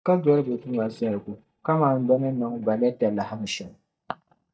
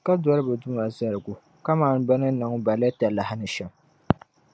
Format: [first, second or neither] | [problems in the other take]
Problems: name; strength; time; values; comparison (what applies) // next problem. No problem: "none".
second | noise reduction (neural mask model DeepFilterNet 3)